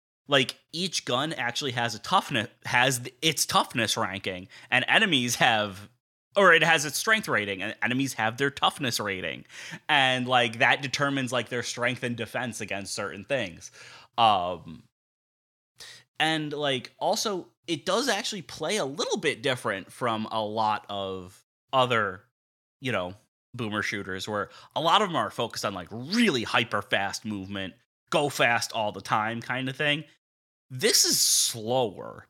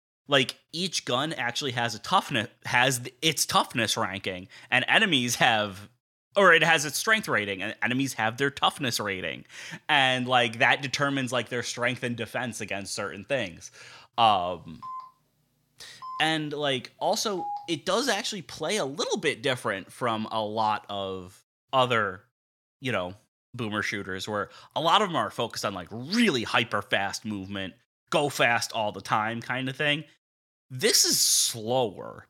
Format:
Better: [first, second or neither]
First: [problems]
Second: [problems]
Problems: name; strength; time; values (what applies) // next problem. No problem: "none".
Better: first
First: none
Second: phone ringing; faint; from 15 to 18 s; peak 10 dB below the speech